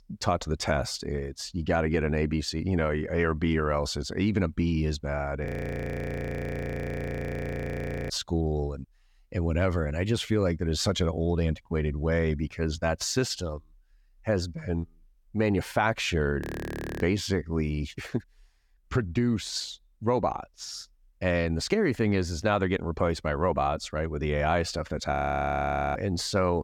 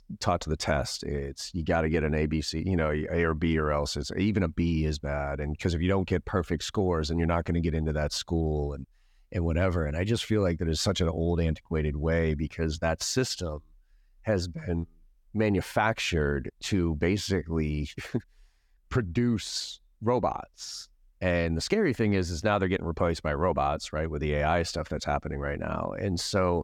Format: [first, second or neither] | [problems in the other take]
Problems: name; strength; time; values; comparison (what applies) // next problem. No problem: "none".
second | audio freezing; at 5.5 s for 2.5 s, at 16 s for 0.5 s and at 25 s for 1 s